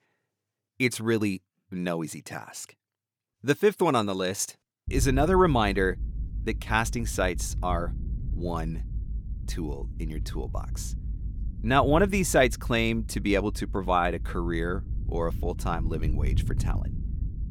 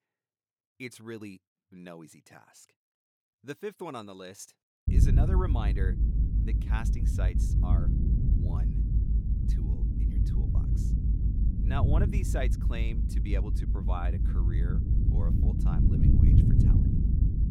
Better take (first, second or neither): first